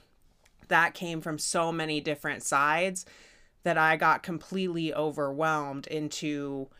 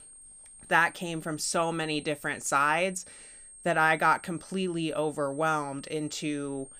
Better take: first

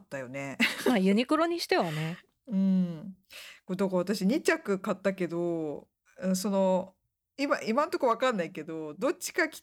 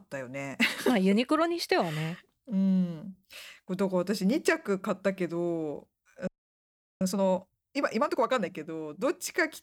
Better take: first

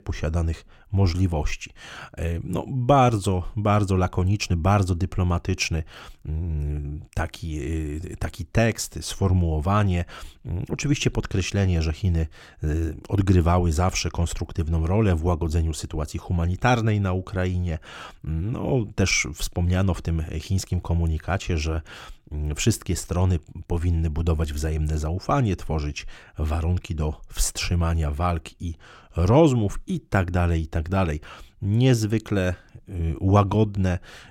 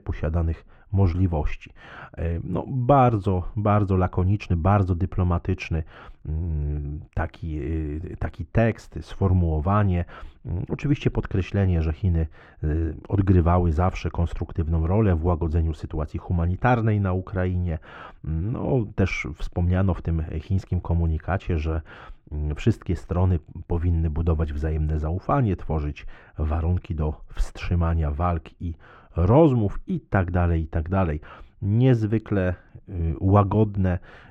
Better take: first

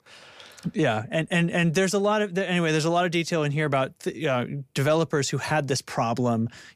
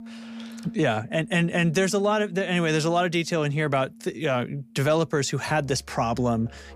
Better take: first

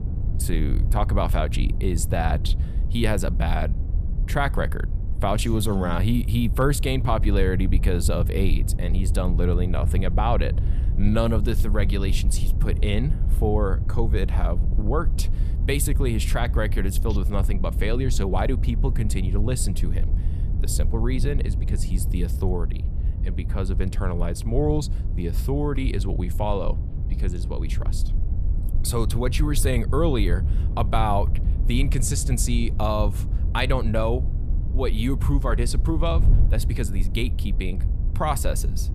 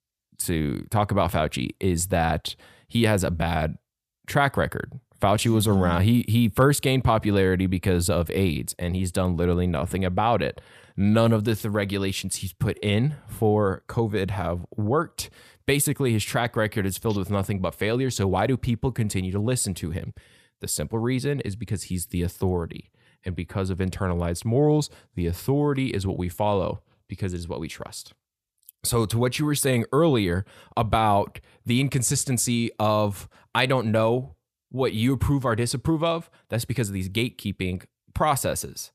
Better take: second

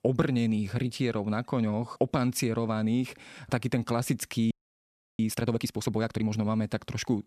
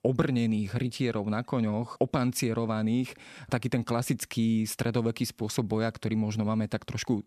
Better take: second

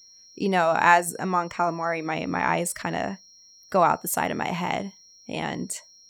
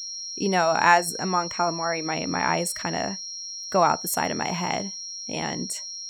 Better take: first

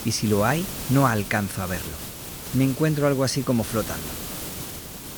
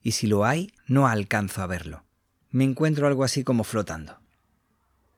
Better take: second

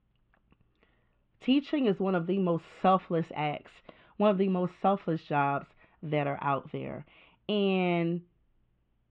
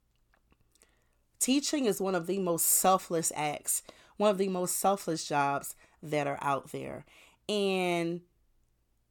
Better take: second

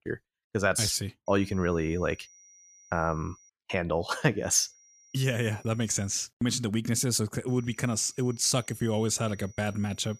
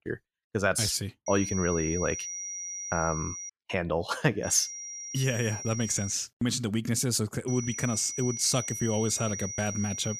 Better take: first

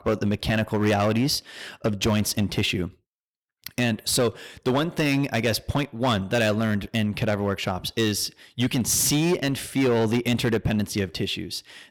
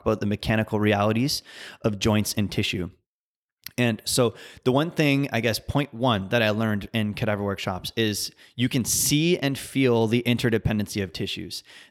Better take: second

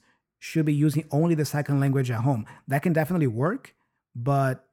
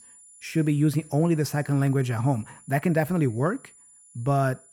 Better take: first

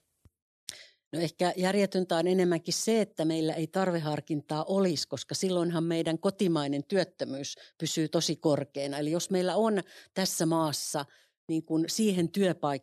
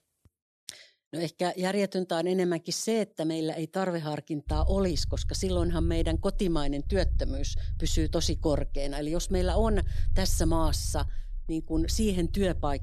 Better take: first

